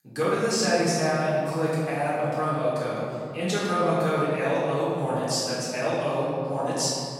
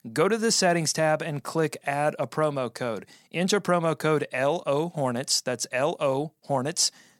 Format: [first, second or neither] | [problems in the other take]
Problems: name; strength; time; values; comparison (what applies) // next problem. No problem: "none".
second | off-mic speech; far // room echo; strong; dies away in 2.5 s